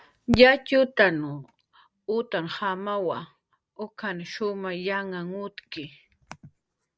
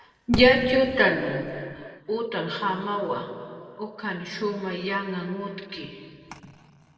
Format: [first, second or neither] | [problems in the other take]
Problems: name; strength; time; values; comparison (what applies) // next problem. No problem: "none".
first | room echo; dies away in 2.2 s